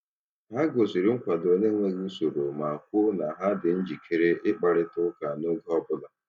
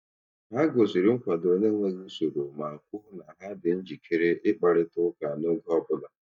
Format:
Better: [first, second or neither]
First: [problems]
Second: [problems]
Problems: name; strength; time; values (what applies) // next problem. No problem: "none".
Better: first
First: none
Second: noise reduction (neural mask model DeepFilterNet 3)